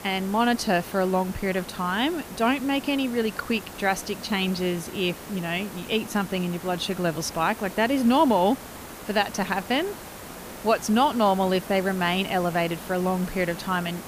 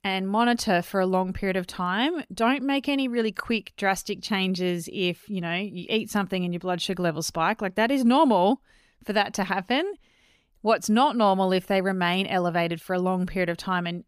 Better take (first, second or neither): second